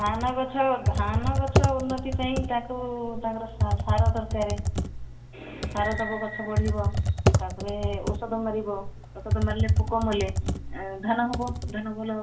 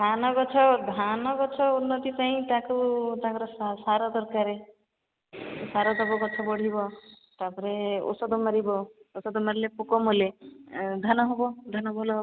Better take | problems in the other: second | background sound (Computer keyboard); 2 dB above the speech // room echo; dies away in 0.2 s

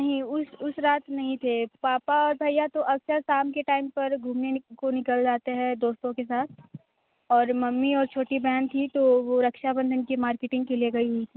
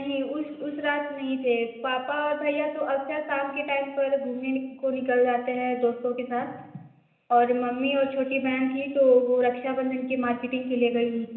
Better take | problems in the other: first | room echo; dies away in 0.9 s

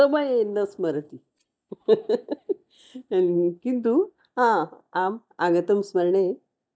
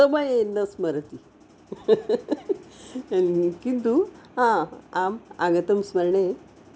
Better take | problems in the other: second | noise reduction (neural mask model DeepFilterNet 3)

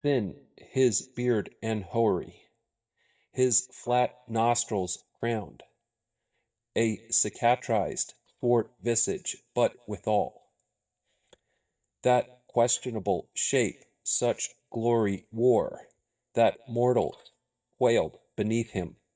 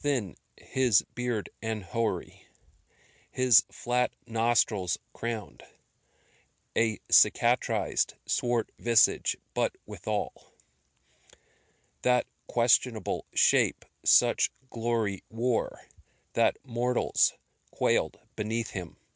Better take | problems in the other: second | noise reduction (neural mask model DeepFilterNet 3)

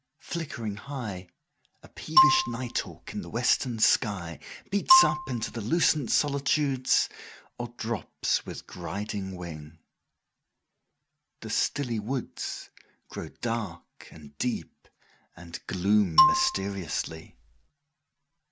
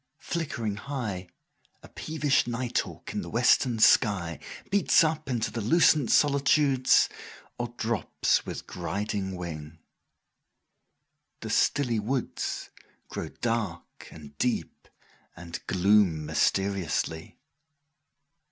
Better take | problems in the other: second | background sound (Marimba, xylophone); 4 dB above the speech

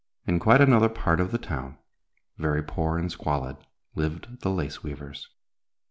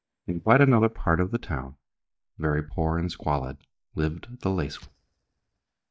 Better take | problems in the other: first | noise reduction (neural mask model DeepFilterNet 3)

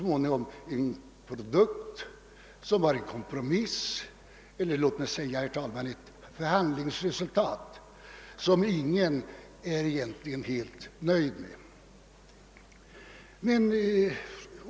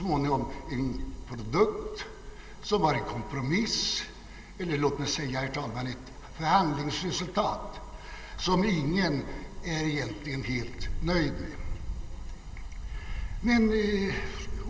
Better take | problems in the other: first | background sound (Wind / Bird); 9 dB below the speech // room echo; dies away in 2.5 s

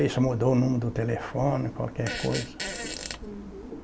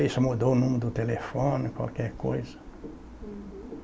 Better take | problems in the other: second | background sound (Fart); 10 dB below the speech

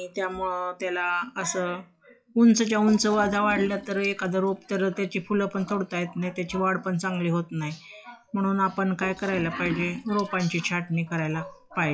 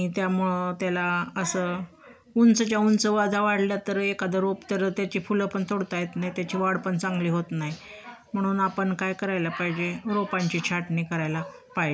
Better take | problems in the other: second | noise reduction (classical method log-MMSE)

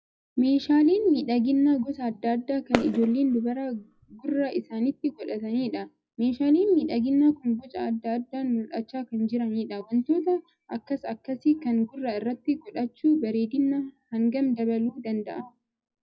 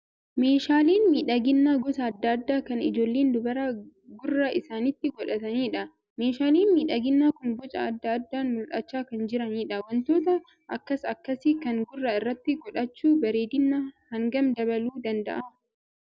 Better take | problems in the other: second | noise reduction (classical method WPE with log-MMSE)

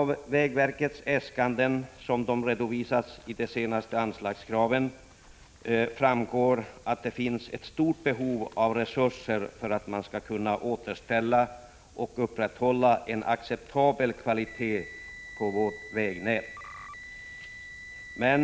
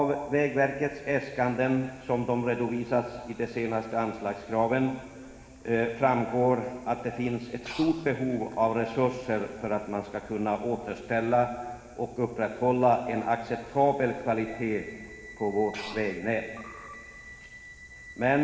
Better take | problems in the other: first | background sound (Breathing); 12 dB below the speech // room echo; dies away in 2.4 s

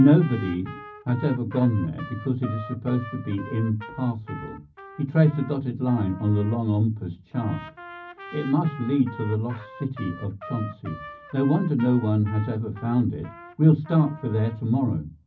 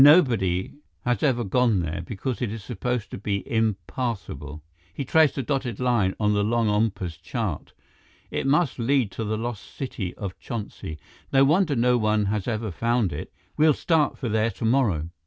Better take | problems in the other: second | background sound (Trumpet); 18 dB below the speech // room echo; dies away in 0.4 s

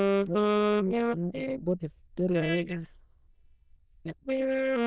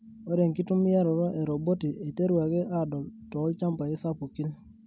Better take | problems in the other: second | noise reduction (neural diffusion model UNIVERSE++)

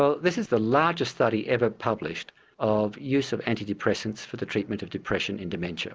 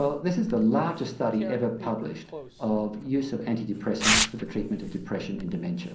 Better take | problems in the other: first | background sound (Tearing); 6 dB below the speech // room echo; dies away in 0.6 s

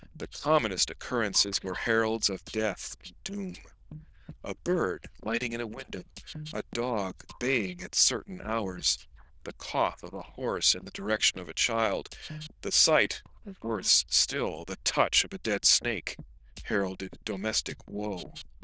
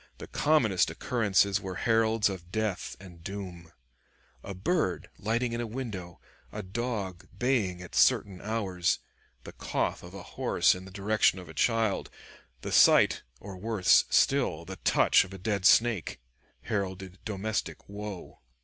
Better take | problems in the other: second | noise reduction (neural diffusion model UNIVERSE++)

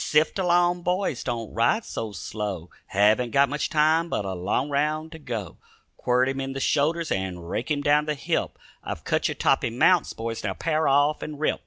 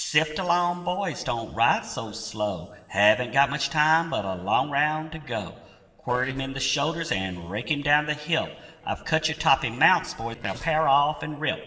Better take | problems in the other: first | noise reduction (neural separator model SepFormer DNS4)

